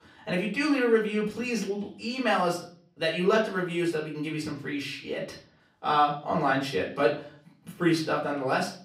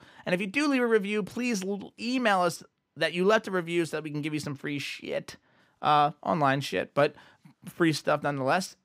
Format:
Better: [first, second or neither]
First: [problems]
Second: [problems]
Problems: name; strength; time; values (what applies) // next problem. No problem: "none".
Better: second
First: off-mic speech; far // room echo; slight; dies away in 0.4 s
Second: none